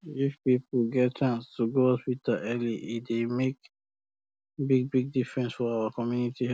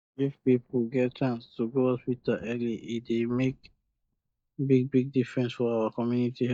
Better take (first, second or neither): first